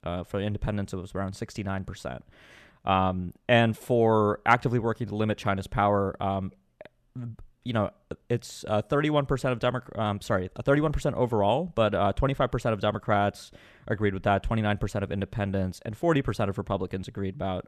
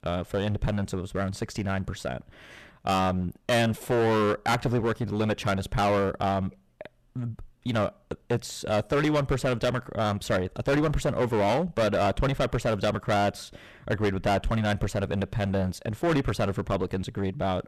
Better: first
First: none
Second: distortion; heavy; 12% of the sound clipped

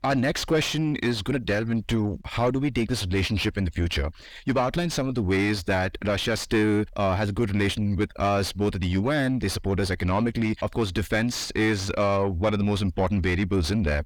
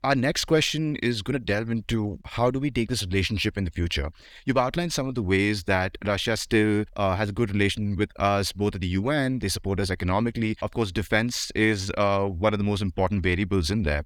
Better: second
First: distortion; slight; 10 dB below the speech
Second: none

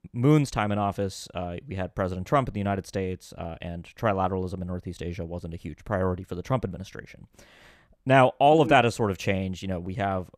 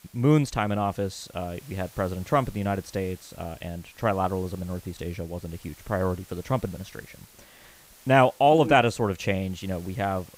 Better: first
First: none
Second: hiss; faint; throughout; 25 dB below the speech

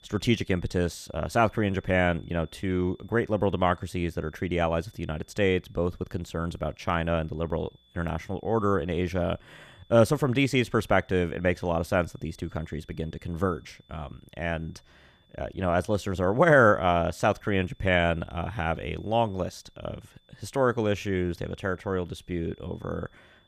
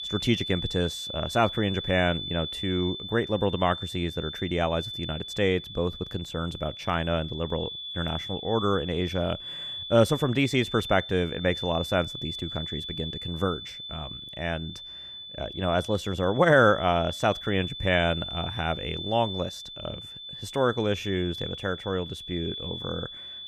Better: first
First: high-pitched whine; faint; throughout; 3.5 kHz, 35 dB below the speech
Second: high-pitched whine; loud; throughout; 3.5 kHz, 8 dB below the speech

